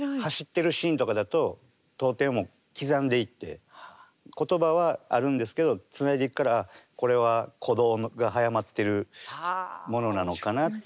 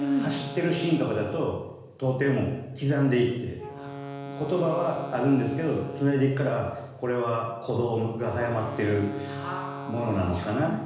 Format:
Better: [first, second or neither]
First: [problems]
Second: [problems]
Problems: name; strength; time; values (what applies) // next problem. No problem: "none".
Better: first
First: none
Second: background sound (Wind instrument, woodwind instrument); 13 dB below the speech // room echo; dies away in 1.1 s